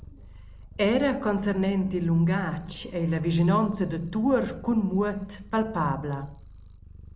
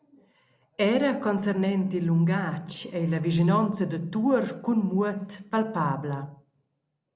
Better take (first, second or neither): second